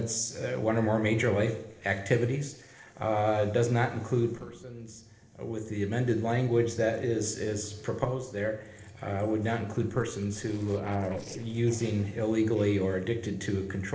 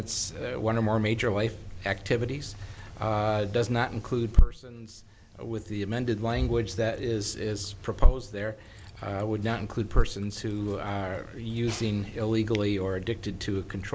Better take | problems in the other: second | noise reduction (neural separator model SepFormer DNS4)

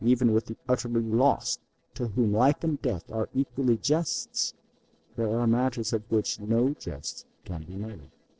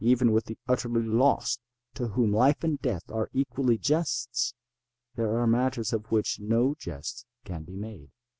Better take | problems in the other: second | noise reduction (neural separator model SepFormer DNS4)

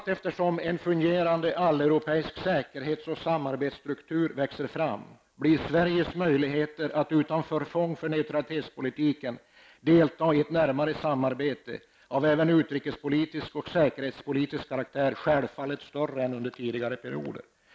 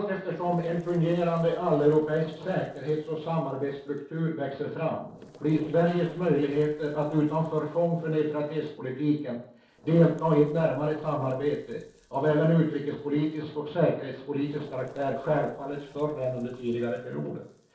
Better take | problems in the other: first | noise reduction (neural separator model SepFormer DNS4)

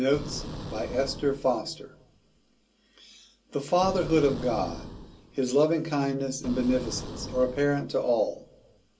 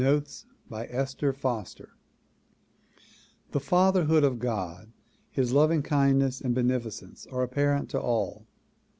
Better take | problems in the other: second | background sound (Boom); 12 dB below the speech // room echo; dies away in 0.2 s

